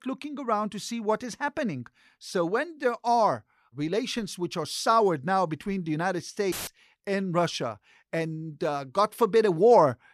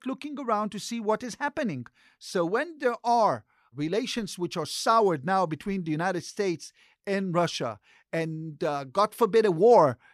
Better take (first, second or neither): second